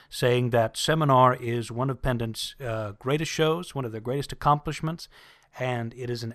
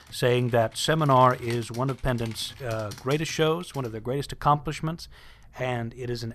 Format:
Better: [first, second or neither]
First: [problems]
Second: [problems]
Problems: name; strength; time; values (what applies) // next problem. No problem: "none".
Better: first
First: none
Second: household noises; faint; throughout; 20 dB below the speech